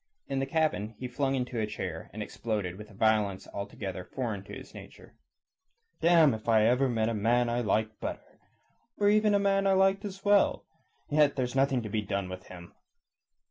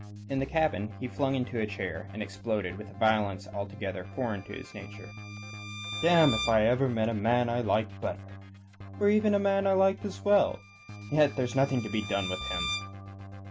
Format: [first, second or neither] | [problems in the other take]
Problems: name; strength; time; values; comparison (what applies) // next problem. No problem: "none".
first | background sound (Keyboard (musical) + Bowed string instrument); 11 dB below the speech